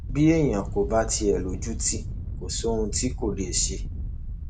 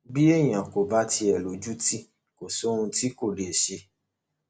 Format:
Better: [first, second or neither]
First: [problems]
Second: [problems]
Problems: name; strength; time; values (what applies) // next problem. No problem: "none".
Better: second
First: background sound (Wind); 5 dB below the speech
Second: none